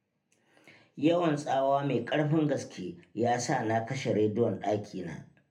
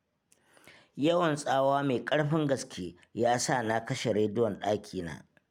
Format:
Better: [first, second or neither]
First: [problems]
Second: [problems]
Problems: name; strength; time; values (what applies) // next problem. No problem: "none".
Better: second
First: room echo; dies away in 0.3 s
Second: none